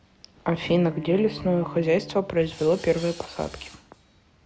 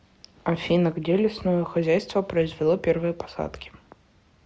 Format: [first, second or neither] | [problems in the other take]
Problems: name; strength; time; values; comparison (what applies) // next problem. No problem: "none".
second | background sound (Bowed string instrument + Tools); 16 dB below the speech